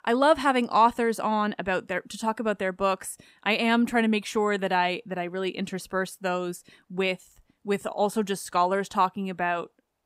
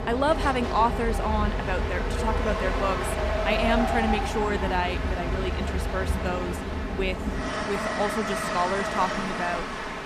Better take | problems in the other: first | train or aircraft noise; very loud; throughout; as loud as the speech

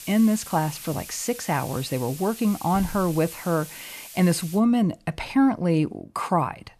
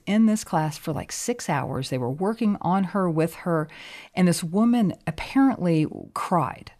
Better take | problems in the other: second | hiss; noticeable; until 4.5 s; 15 dB below the speech

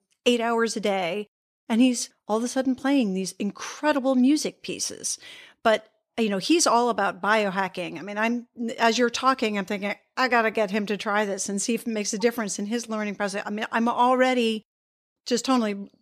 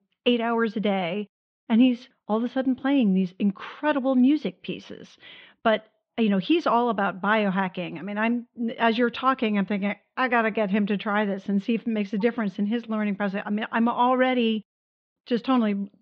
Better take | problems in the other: first | muffled; very; fading above 3.5 kHz

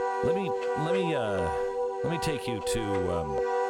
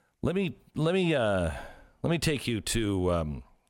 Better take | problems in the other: second | background music; very loud; throughout; 3 dB above the speech

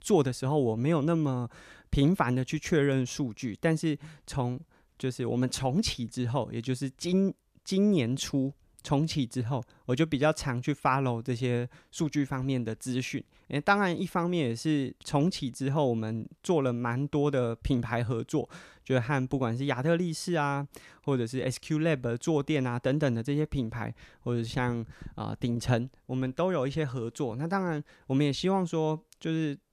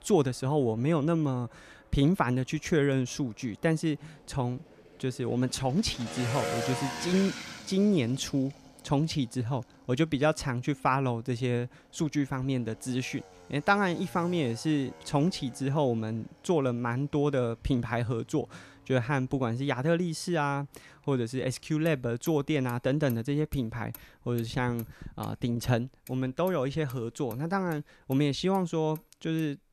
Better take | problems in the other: first | traffic noise; noticeable; throughout; 15 dB below the speech

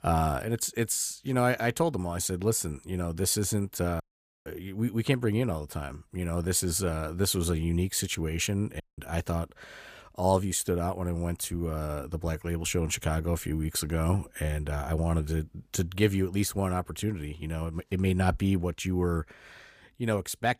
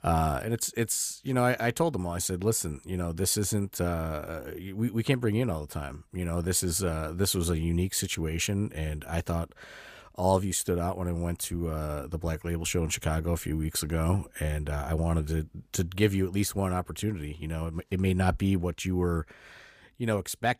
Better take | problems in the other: second | audio cutting out; at 4 s and at 9 s

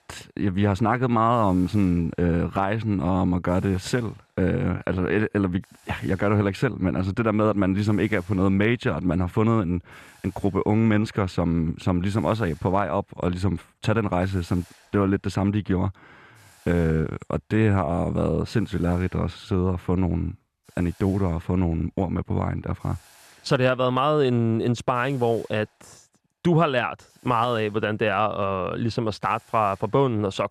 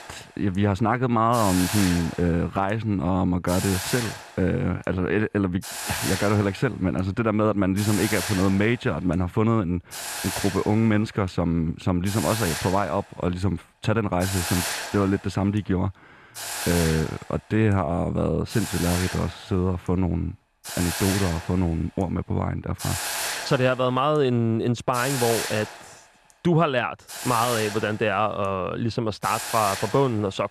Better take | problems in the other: first | hiss; loud; throughout; 6 dB below the speech; faint in the first

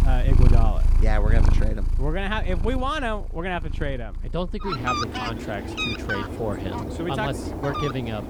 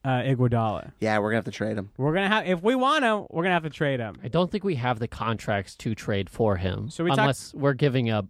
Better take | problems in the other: second | animal sounds; very loud; throughout; 3 dB above the speech

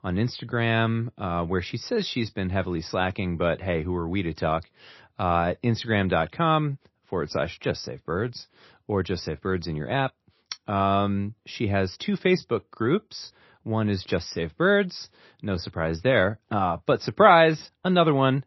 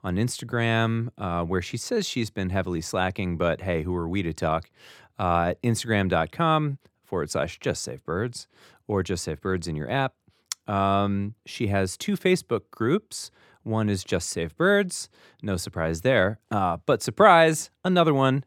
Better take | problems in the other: second | garbled, watery; slightly; nothing above 5.5 kHz

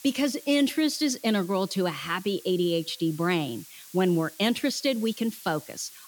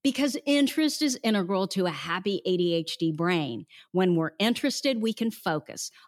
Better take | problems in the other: second | hiss; noticeable; throughout; 20 dB below the speech

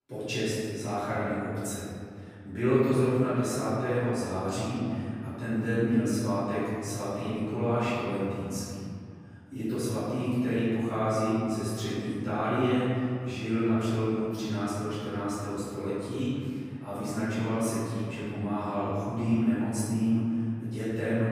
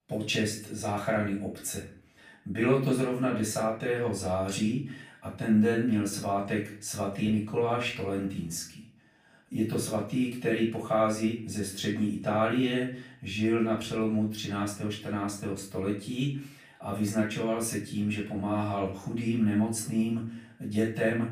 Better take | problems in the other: second | room echo; strong; dies away in 2.5 s; slight in the second // off-mic speech; far; far in the second

